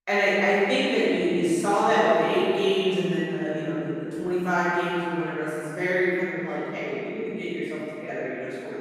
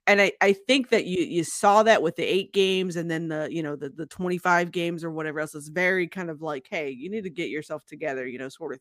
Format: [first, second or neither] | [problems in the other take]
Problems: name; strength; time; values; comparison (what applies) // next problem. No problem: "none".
second | off-mic speech; far // room echo; strong; dies away in 2.5 s